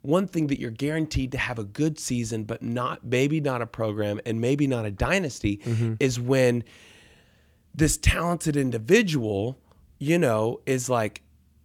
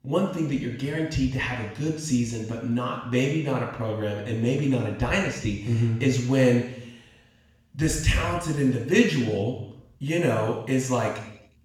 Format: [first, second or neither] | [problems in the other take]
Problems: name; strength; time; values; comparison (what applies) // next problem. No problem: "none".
first | room echo; noticeable; dies away in 0.8 s // off-mic speech; far